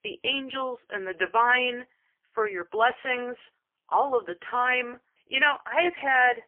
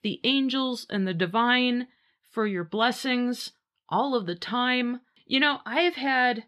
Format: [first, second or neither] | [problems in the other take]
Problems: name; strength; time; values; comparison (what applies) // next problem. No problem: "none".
second | phone-call audio; poor line; nothing above 3 kHz